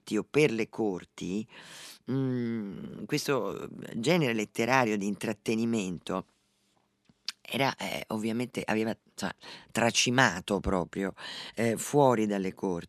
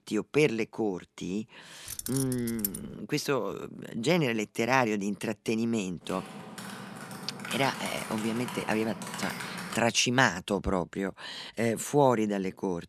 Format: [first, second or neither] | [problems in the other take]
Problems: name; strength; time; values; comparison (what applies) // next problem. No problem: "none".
first | jangling keys; noticeable; at 2 s; peak 4 dB below the speech // keyboard typing; noticeable; from 6 to 10 s; peak 7 dB below the speech